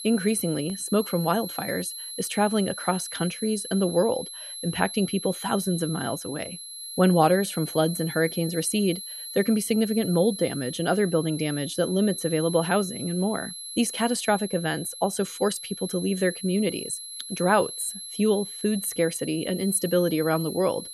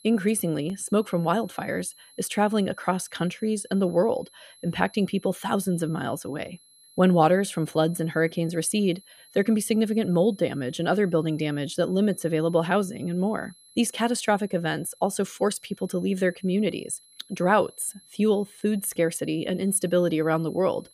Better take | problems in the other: second | high-pitched whine; loud; throughout; 11 kHz, 9 dB below the speech; faint in the second

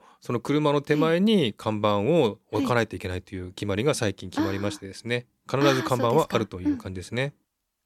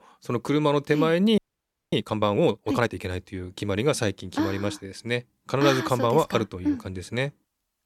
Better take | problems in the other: first | audio freezing; at 1.5 s for 0.5 s

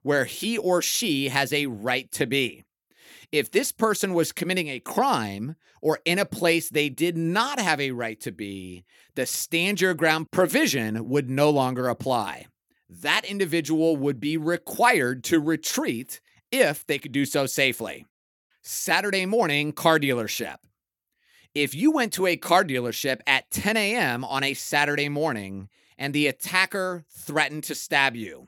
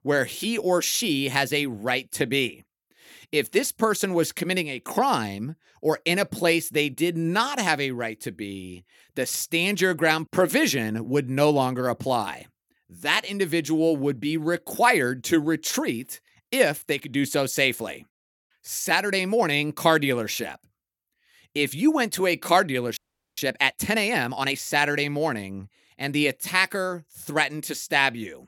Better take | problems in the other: first | audio freezing; at 23 s

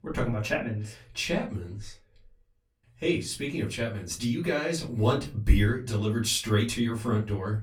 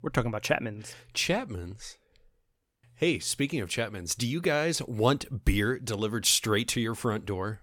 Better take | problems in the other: second | off-mic speech; far // room echo; very slight; dies away in 0.2 s

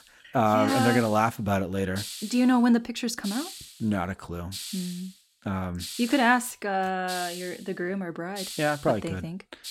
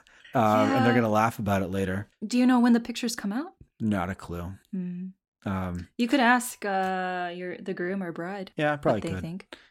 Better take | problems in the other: second | hiss; noticeable; throughout; 10 dB below the speech

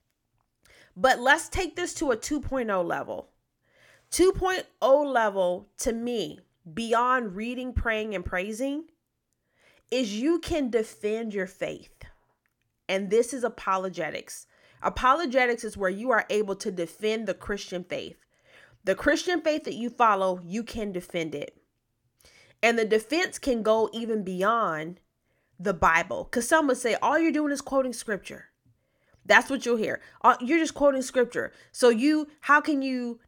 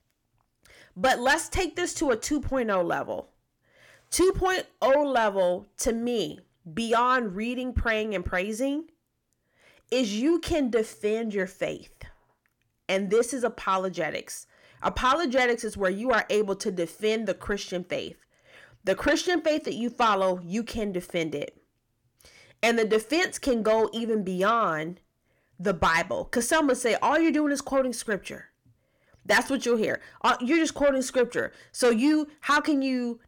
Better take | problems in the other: first | distortion; slight; 10 dB below the speech

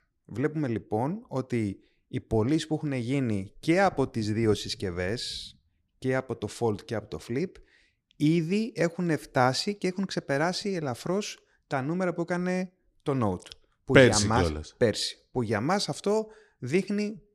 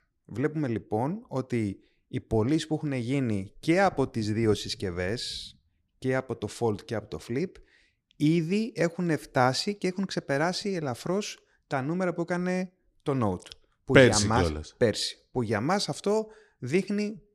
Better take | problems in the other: neither | none

